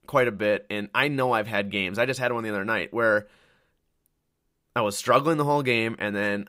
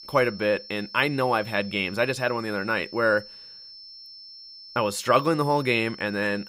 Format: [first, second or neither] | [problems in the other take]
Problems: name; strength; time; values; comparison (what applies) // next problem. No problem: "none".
first | high-pitched whine; noticeable; throughout; 5.5 kHz, 15 dB below the speech